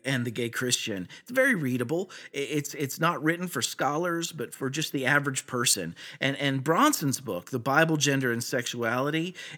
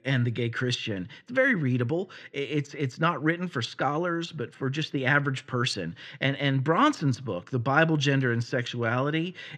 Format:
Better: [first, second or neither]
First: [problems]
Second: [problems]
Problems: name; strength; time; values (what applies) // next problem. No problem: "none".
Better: first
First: none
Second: muffled; slightly; fading above 4 kHz